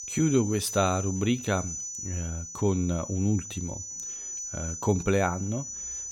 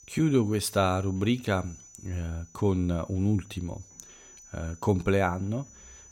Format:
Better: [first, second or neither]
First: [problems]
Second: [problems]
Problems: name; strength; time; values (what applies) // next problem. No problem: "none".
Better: second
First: high-pitched whine; loud; throughout; 6 kHz, 7 dB below the speech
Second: high-pitched whine; faint; throughout; 6 kHz, 25 dB below the speech